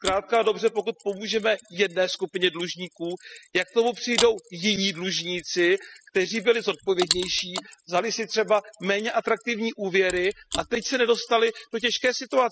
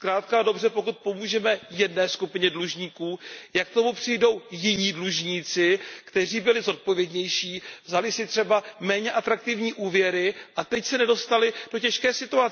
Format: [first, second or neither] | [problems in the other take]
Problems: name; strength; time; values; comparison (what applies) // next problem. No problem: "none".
second | noise reduction (classical method spectral subtraction)